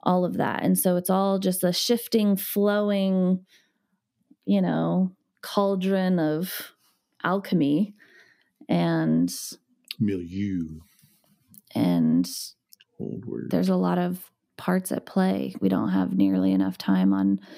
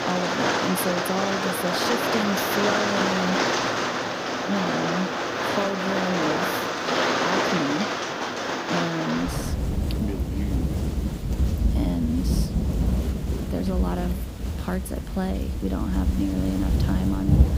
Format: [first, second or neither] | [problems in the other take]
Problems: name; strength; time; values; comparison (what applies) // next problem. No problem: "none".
first | rain or running water; very loud; throughout; 3 dB above the speech